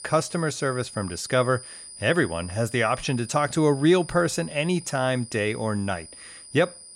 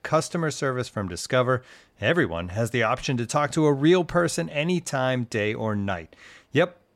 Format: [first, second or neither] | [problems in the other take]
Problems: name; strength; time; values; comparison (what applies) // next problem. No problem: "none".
second | high-pitched whine; noticeable; throughout; 9.5 kHz, 15 dB below the speech